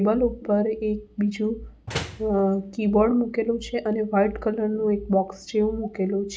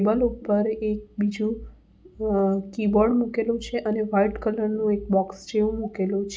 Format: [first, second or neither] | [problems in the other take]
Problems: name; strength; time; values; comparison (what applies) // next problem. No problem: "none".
second | background sound (Slam); 11 dB below the speech